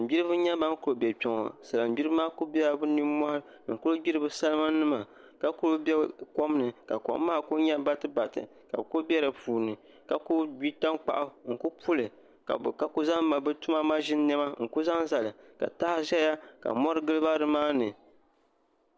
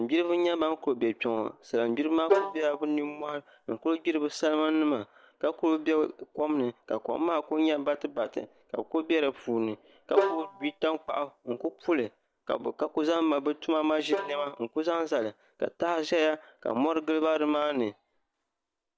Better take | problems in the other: first | noise reduction (neural mask model DeepFilterNet 3)

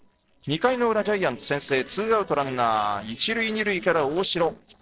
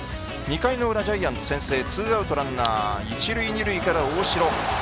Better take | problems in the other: second | noise reduction (neural separator model SepFormer DNS4)

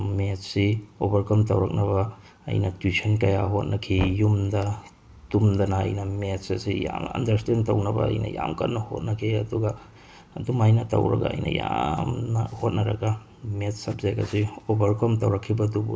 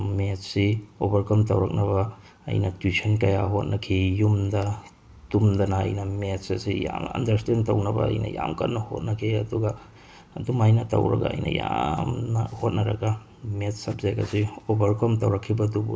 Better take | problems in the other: second | background sound (Knock); 16 dB below the speech

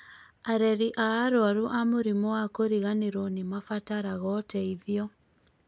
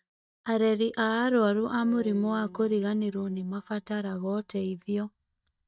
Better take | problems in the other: first | noise reduction (neural mask model DeepFilterNet 3)

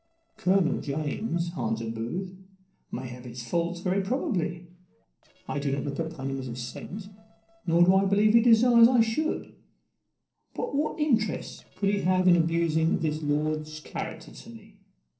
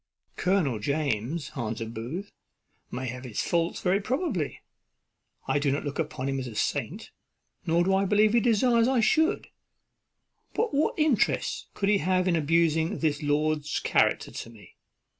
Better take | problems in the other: second | noise reduction (neural separator model SepFormer DNS4)

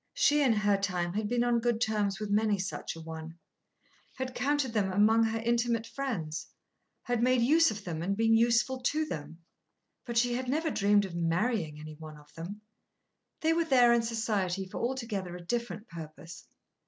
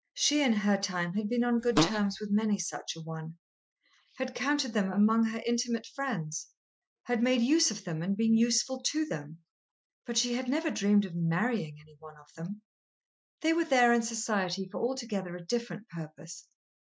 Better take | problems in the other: first | noise reduction (classical method Wiener filter)

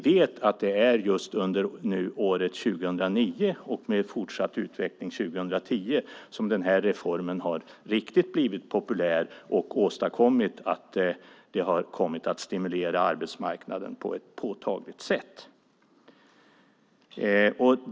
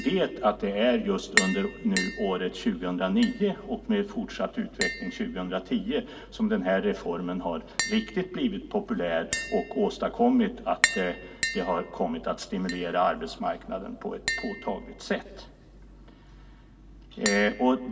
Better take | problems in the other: first | background sound (Tap); 8 dB below the speech // room echo; dies away in 2.3 s

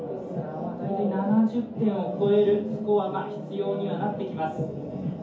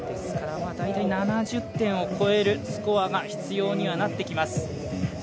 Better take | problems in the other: second | room echo; dies away in 0.5 s

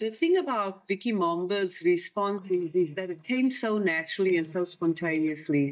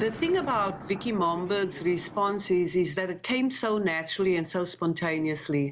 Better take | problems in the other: second | noise reduction (neural mask model DeepFilterNet 3)

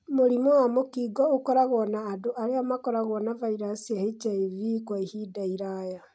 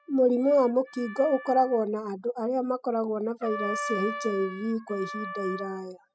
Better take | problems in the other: first | noise reduction (classical method spectral subtraction)

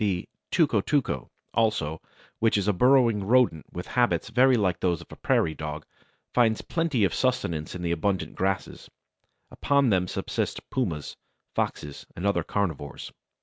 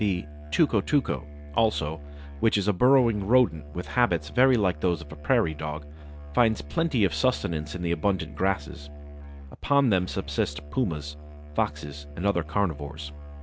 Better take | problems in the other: first | background sound (Musical instrument); 14 dB below the speech

